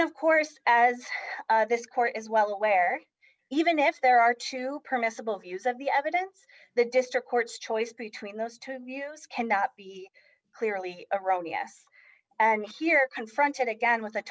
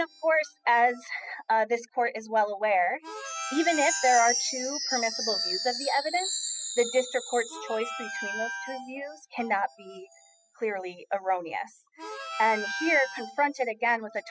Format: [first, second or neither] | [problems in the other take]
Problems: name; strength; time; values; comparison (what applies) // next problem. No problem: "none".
first | noise reduction (classical method spectral subtraction)